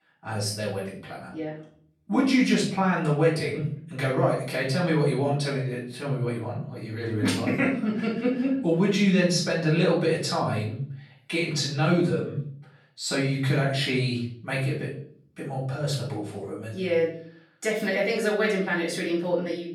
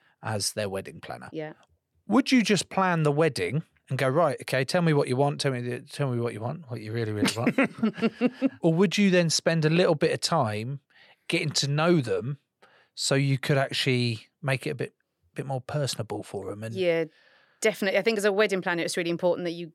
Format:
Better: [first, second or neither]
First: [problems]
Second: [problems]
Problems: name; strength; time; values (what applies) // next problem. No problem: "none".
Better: second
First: off-mic speech; far // room echo; noticeable; dies away in 0.5 s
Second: none